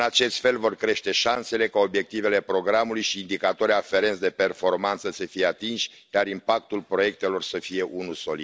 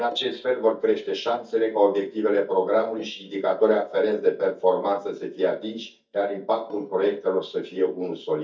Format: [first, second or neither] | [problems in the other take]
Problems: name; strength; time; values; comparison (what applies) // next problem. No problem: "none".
first | noise reduction (neural mask model DeepFilterNet 3)